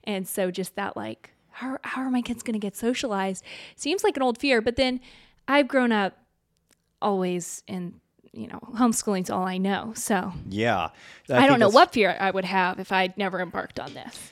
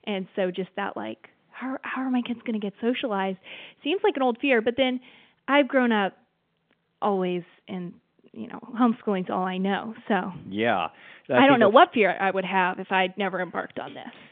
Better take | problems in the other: first | phone-call audio; nothing above 3.5 kHz

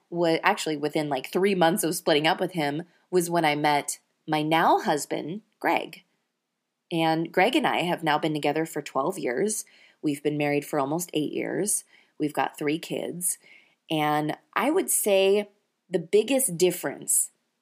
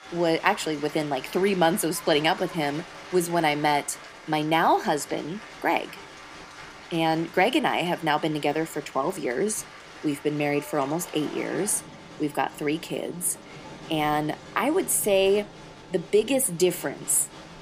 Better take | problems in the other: first | crowd noise; noticeable; throughout; 15 dB below the speech

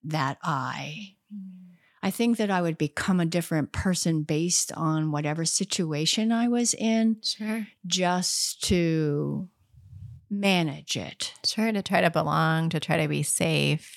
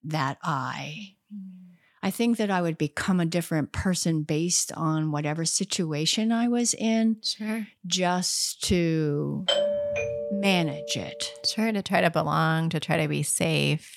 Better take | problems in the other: first | doorbell; loud; from 9.5 to 11 s; peak 2 dB above the speech

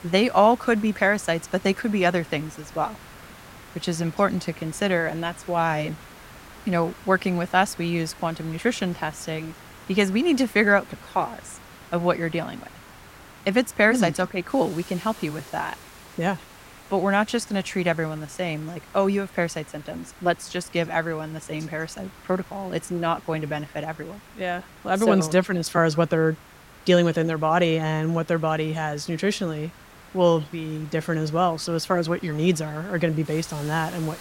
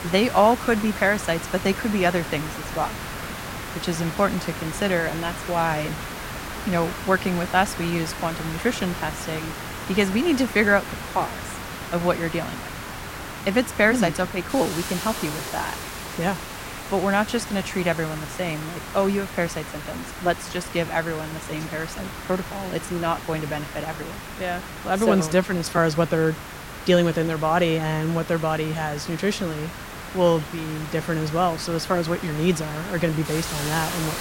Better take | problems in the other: first | hiss; loud; throughout; 9 dB below the speech; faint in the first

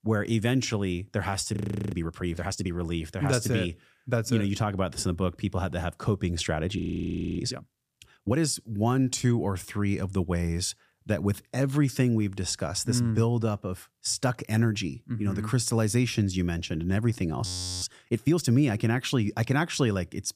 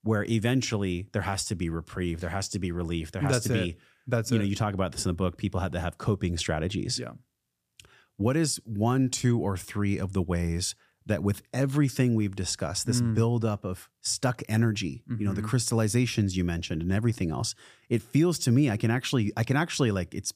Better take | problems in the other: second | audio freezing; at 1.5 s, at 7 s for 0.5 s and at 17 s

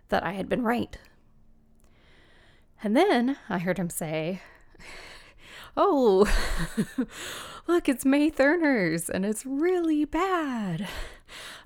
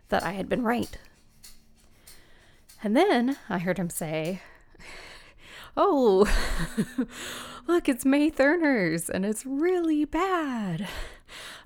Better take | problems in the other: first | background music; faint; throughout; 25 dB below the speech

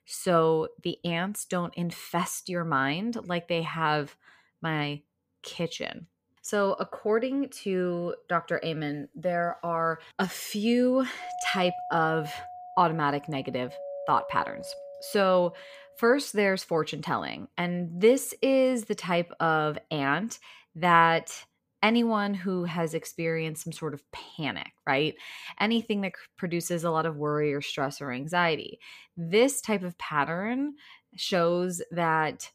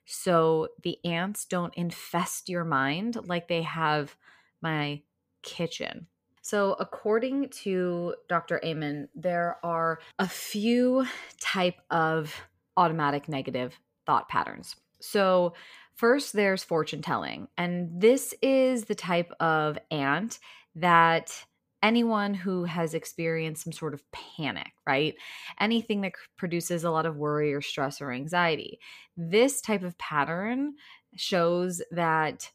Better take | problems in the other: second | doorbell; noticeable; from 11 to 16 s; peak 7 dB below the speech

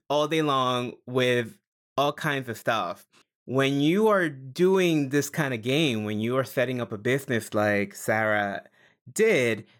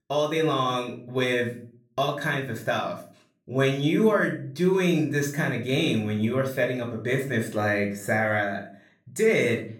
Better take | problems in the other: first | off-mic speech; somewhat distant // room echo; slight; dies away in 0.4 s

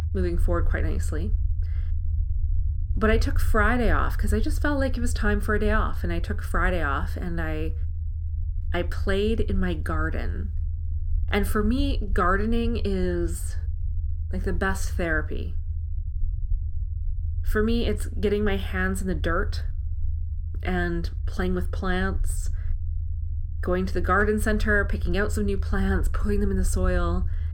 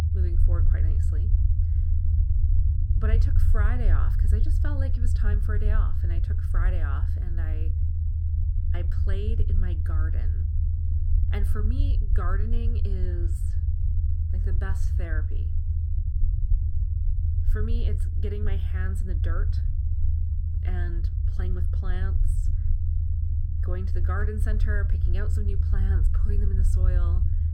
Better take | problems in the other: first | low rumble; loud; throughout; 3 dB below the speech; faint in the first

